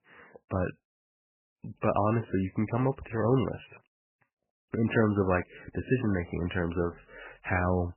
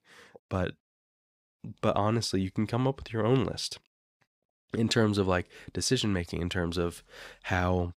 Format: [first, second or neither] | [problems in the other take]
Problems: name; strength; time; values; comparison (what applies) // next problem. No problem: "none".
second | garbled, watery; badly; nothing above 3 kHz